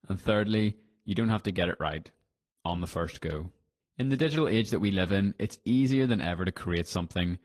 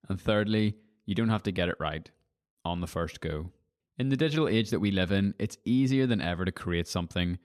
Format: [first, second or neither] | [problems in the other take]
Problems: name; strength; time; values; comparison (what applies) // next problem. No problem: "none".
second | garbled, watery; slightly; nothing above 14 kHz